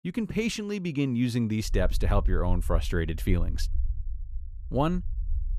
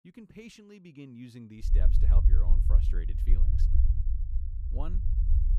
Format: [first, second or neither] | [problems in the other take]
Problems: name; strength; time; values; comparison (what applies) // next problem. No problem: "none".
first | low rumble; loud; from 1.5 s on; as loud as the speech; faint in the first